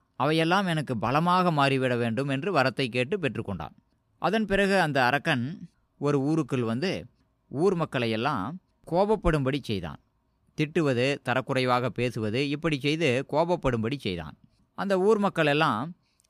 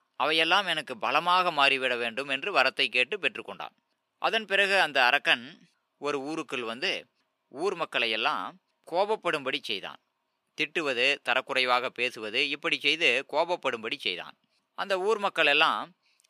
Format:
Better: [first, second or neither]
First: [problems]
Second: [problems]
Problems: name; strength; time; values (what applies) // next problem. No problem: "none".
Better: first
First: none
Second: thin; somewhat; fading below 500 Hz